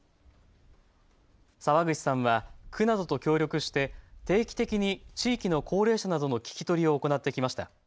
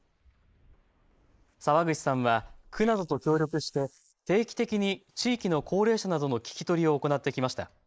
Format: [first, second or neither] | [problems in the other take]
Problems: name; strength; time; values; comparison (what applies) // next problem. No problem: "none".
first | noise reduction (neural mask model Resemble Enhance denoiser)